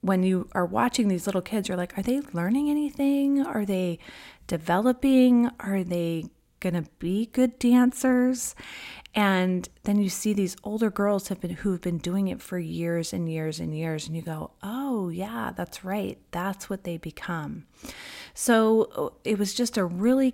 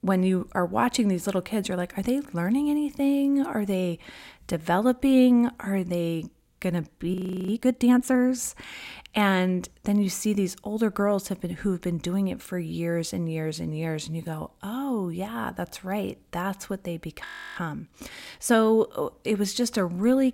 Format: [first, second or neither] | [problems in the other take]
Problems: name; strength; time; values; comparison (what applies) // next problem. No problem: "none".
first | audio freezing; at 7 s and at 17 s